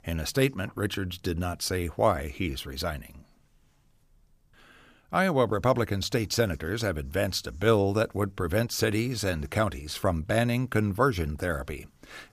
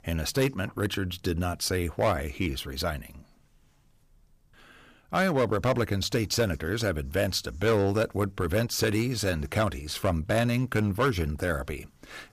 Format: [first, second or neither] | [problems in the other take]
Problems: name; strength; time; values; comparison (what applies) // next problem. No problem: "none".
first | distortion; slight; 4% of the sound clipped